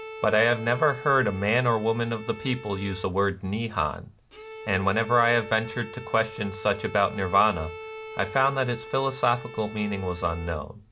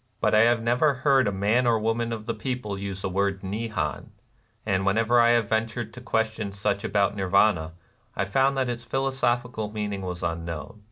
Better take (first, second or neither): second